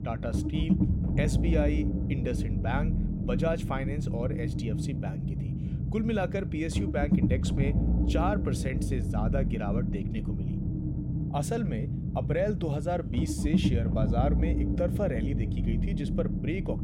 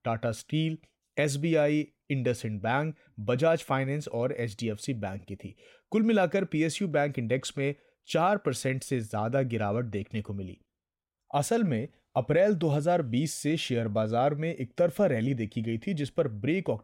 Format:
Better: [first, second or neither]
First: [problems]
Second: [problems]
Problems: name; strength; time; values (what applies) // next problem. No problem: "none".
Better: second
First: low rumble; loud; throughout; 4 dB below the speech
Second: none